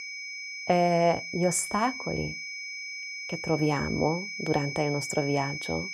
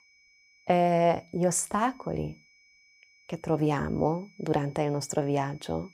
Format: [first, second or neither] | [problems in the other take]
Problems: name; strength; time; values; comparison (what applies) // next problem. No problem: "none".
second | high-pitched whine; loud; throughout; 2.5 kHz, 7 dB below the speech; faint in the second